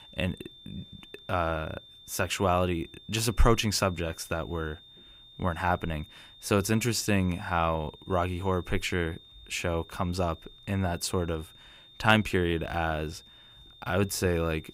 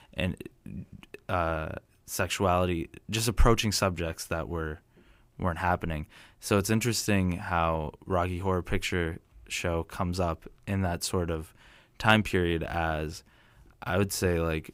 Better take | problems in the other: second | high-pitched whine; faint; throughout; 3.5 kHz, 20 dB below the speech

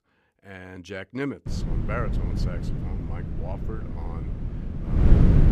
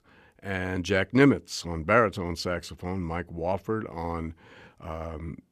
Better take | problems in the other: second | wind noise on the microphone; heavy; from 1.5 s on; as loud as the speech

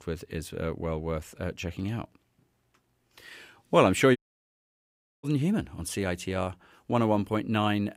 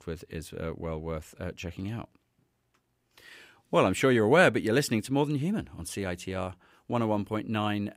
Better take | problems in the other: second | audio cutting out; at 4 s for 1 s

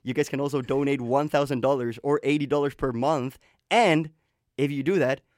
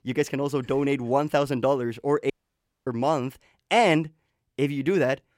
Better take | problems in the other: first | audio cutting out; at 2.5 s for 0.5 s

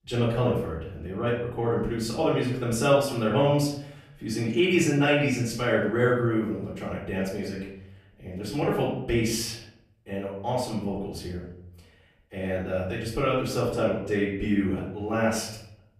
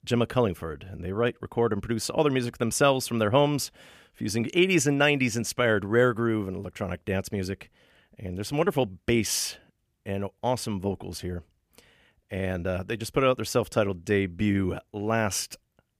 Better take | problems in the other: second | off-mic speech; far // room echo; noticeable; dies away in 0.6 s

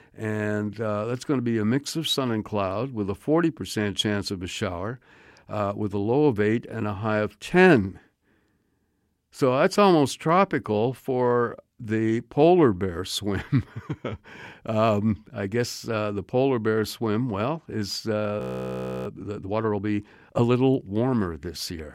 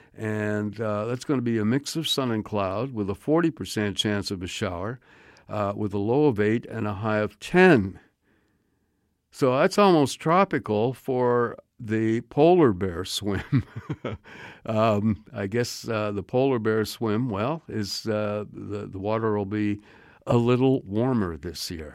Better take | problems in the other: second | audio freezing; at 18 s for 0.5 s

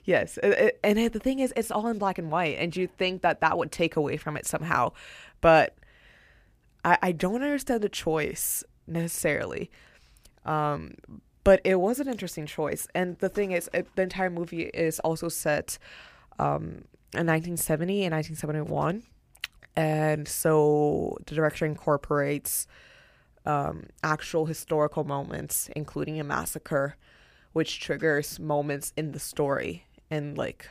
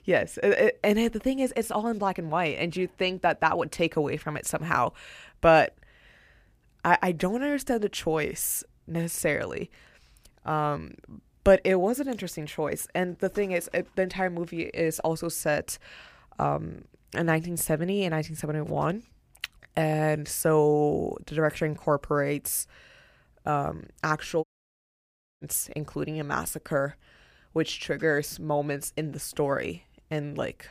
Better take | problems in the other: first | audio cutting out; at 24 s for 1 s

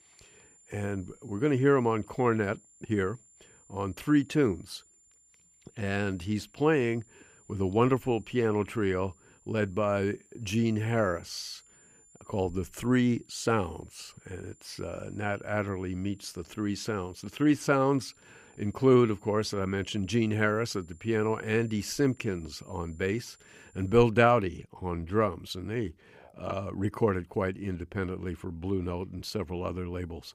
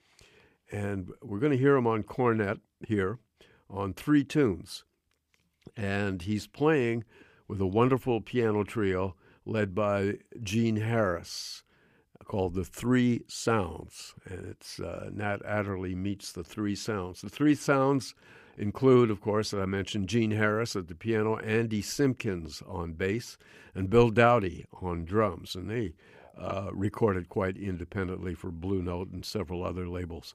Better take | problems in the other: second | high-pitched whine; faint; until 24 s; 7 kHz, 30 dB below the speech

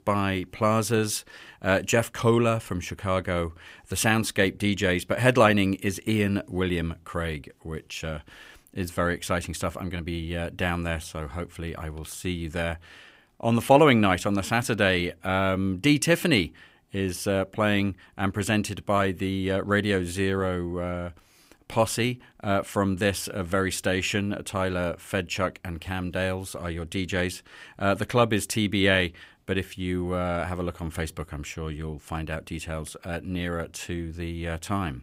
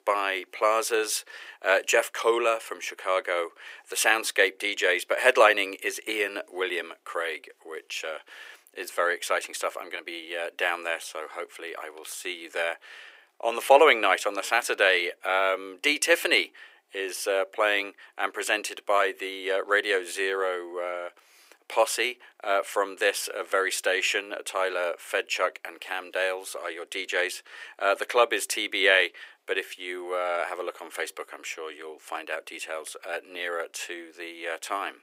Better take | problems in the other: first | thin; very; fading below 400 Hz

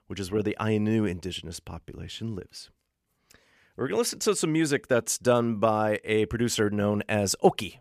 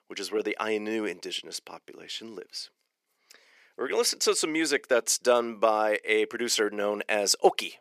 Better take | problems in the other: first | thin; somewhat; fading below 350 Hz

